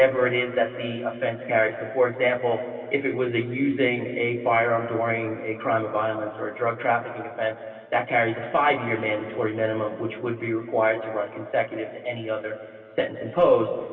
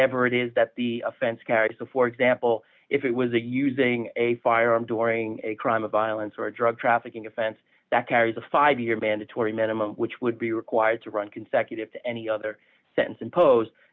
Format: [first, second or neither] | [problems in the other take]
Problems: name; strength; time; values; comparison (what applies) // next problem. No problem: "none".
second | room echo; dies away in 2.9 s